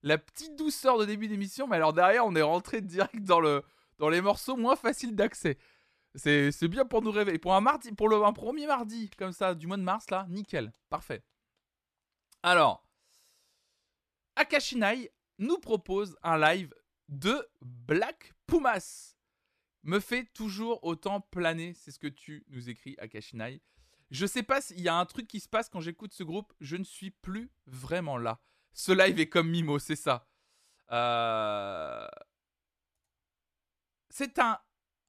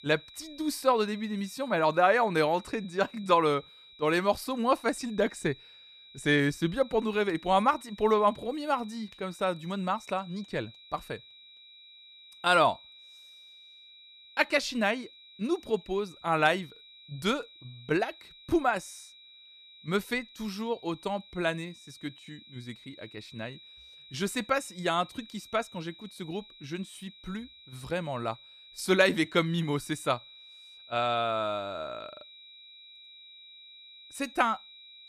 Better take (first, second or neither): first